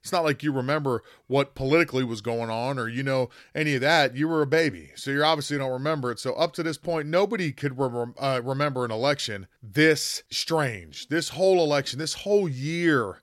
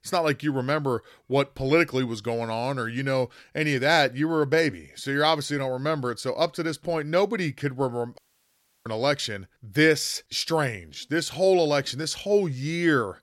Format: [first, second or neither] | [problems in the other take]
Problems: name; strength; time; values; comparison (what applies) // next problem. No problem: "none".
first | audio cutting out; at 8 s for 0.5 s